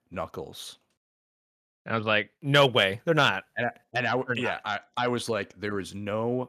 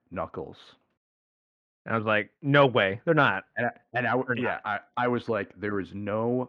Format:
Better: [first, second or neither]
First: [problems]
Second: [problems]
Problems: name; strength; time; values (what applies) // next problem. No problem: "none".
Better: first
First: none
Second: muffled; very; fading above 2 kHz